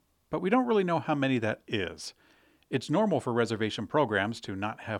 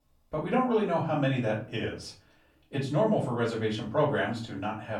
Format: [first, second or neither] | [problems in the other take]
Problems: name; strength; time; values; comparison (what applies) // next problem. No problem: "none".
first | off-mic speech; far // room echo; slight; dies away in 0.4 s